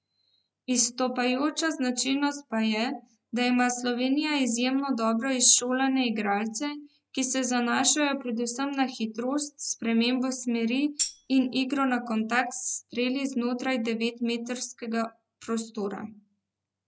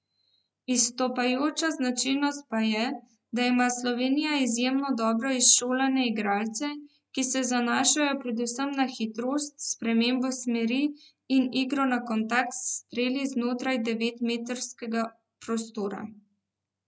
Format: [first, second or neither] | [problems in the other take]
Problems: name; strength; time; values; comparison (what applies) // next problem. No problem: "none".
second | background sound (Tambourine); 8 dB below the speech